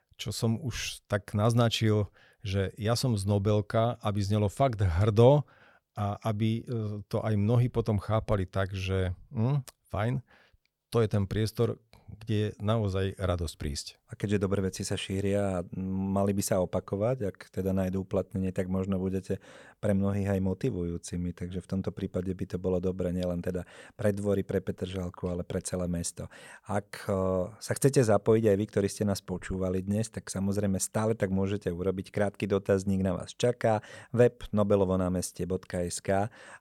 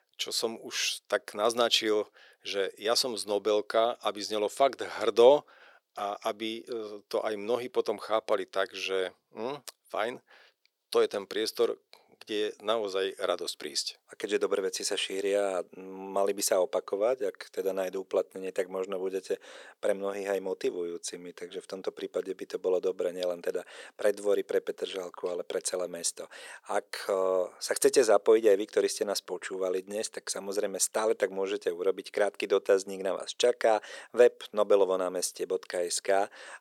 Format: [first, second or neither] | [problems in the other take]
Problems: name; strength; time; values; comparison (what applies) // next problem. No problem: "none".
first | thin; very; fading below 350 Hz